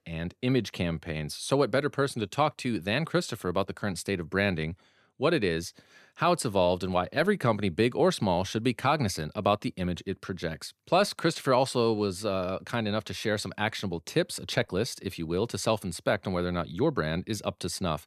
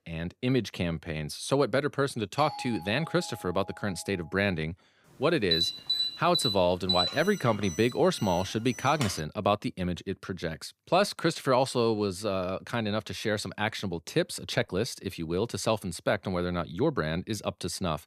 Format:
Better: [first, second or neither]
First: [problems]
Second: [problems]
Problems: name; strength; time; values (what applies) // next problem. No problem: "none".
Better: first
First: none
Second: doorbell; noticeable; from 2.5 to 4 s; peak 10 dB below the speech // alarm; loud; from 5.5 to 9 s; peak 3 dB above the speech